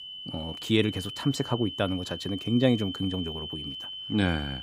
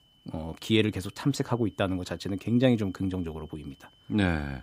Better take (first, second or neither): second